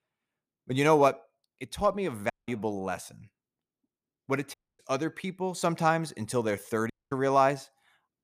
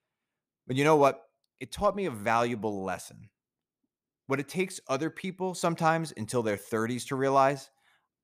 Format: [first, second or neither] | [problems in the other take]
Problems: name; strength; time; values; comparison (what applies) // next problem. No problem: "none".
second | audio cutting out; at 2.5 s, at 4.5 s and at 7 s